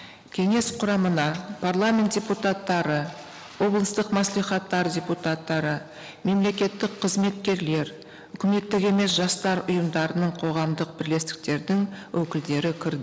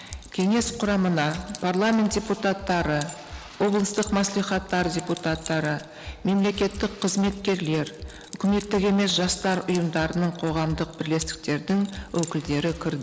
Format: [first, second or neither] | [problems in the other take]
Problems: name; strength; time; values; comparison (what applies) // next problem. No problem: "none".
first | background sound (Drum kit + Keys jangling); 17 dB below the speech